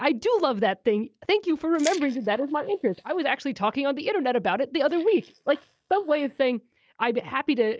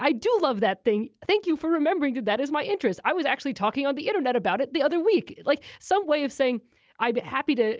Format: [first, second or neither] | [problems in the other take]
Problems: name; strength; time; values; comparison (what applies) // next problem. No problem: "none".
second | noise reduction (neural mask model DeepFilterNet 3)